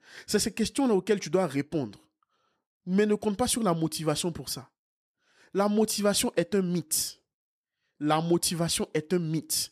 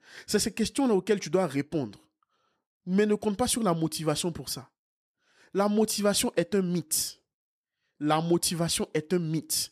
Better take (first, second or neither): neither